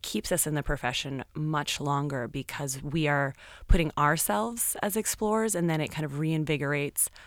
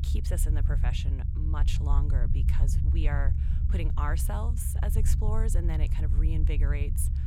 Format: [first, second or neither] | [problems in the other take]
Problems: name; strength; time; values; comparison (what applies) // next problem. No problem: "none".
first | low rumble; loud; throughout; 5 dB below the speech